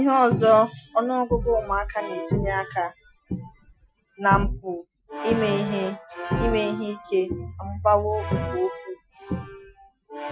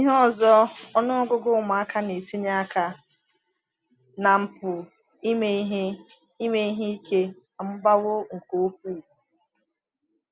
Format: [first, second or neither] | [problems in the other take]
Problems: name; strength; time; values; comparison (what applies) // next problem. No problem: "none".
second | noise reduction (classical method Wiener filter)